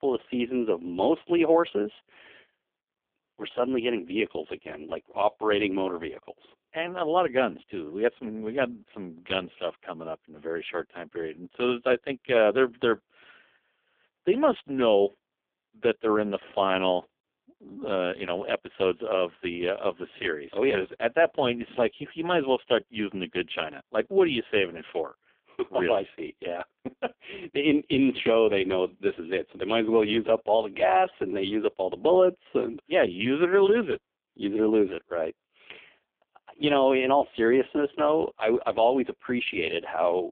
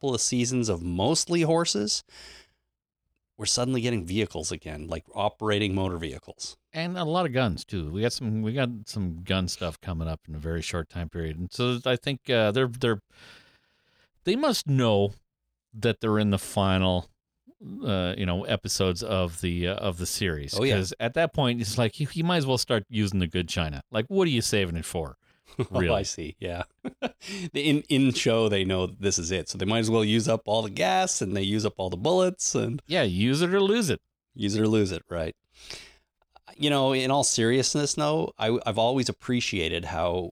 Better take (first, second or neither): second